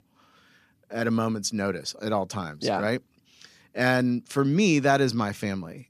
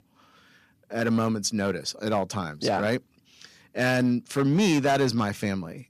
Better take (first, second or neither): first